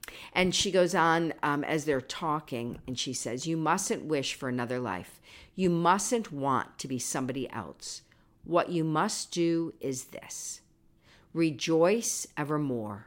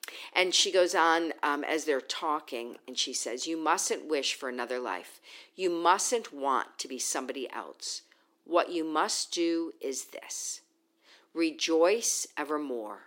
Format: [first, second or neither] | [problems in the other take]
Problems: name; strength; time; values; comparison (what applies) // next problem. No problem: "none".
first | thin; somewhat; fading below 300 Hz